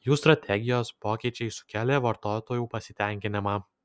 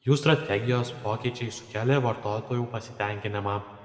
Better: first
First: none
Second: room echo; dies away in 1.8 s

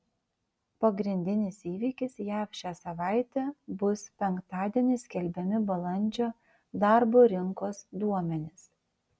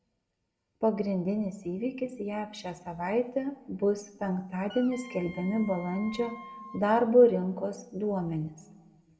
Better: first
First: none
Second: background sound (Wind instrument, woodwind instrument); 18 dB below the speech // room echo; dies away in 1.5 s

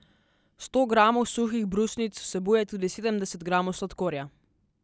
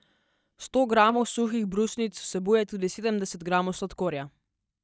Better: first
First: none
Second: noise reduction (neural mask model DeepFilterNet 3)

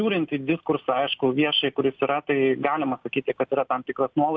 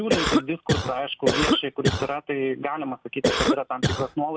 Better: first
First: none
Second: background sound (Cough); 3 dB above the speech

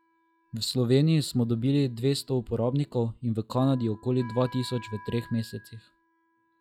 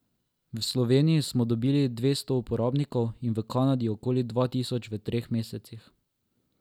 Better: second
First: noise reduction (classical method log-MMSE)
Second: none

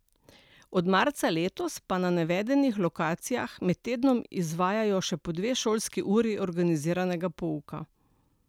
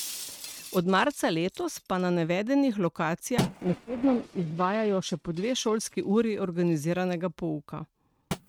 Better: first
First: none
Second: noise reduction (neural mask model RNNoise)

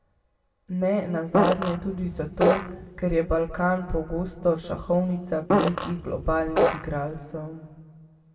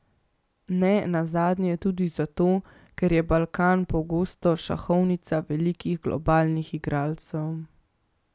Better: second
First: background sound (Fart); 1 dB above the speech // room echo; dies away in 1.2 s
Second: none

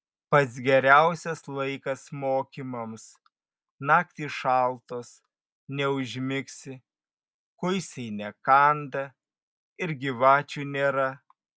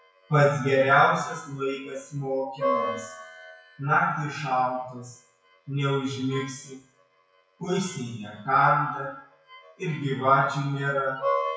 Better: first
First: none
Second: noise reduction (classical method WPE with log-MMSE)

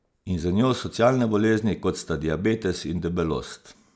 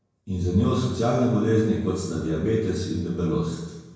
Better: first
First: none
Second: room echo; dies away in 1 s

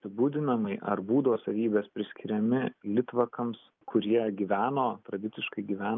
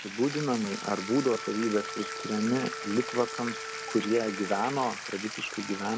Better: first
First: none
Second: background sound (Wind instrument, woodwind instrument + Bathtub (filling or washing)); 8 dB below the speech

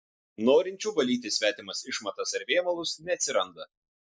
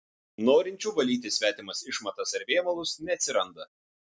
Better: second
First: noise reduction (neural mask model Resemble Enhance denoiser)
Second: none

